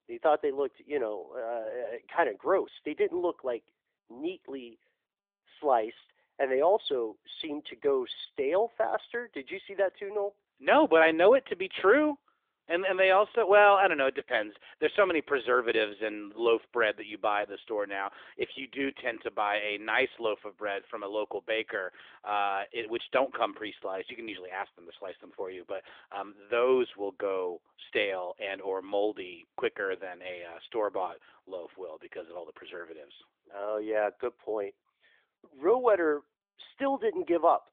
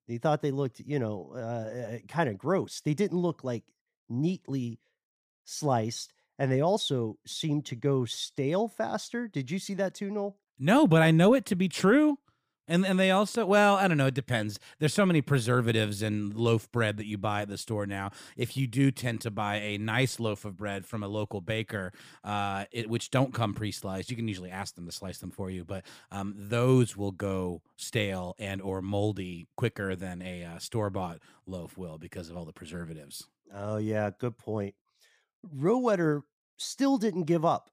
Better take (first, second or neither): second